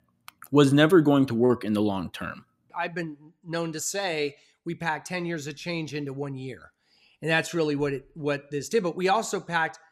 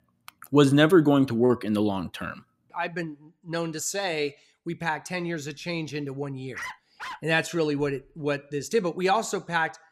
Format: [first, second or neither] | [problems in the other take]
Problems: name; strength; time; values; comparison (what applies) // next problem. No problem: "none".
first | dog barking; faint; at 6.5 s; peak 10 dB below the speech